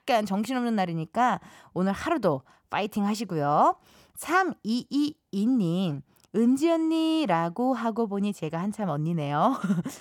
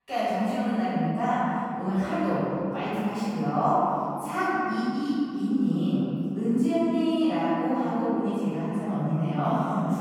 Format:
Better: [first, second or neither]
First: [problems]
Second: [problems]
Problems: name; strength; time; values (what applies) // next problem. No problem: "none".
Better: first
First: none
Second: off-mic speech; far // room echo; strong; dies away in 2.9 s